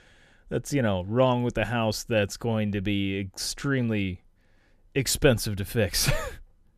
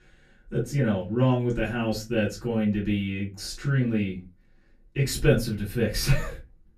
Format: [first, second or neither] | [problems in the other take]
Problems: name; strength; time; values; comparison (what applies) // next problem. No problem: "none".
first | off-mic speech; far // room echo; very slight; dies away in 0.2 s